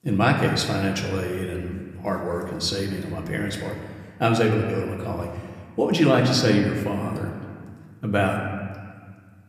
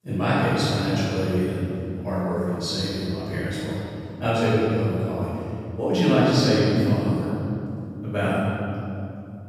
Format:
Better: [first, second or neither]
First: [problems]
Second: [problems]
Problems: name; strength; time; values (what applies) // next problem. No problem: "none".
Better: first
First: room echo; slight; dies away in 1.6 s // off-mic speech; somewhat distant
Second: room echo; strong; dies away in 2.8 s // off-mic speech; far